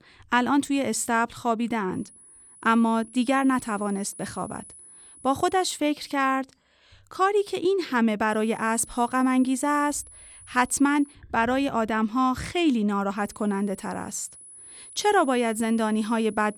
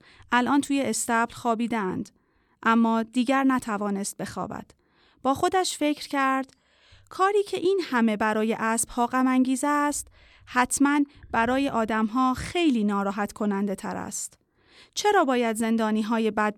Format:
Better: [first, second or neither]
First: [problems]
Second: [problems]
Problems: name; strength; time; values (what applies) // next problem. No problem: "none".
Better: second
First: high-pitched whine; noticeable; from 2 to 6 s, from 8.5 to 11 s and from 13 s on; 10 kHz, 20 dB below the speech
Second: none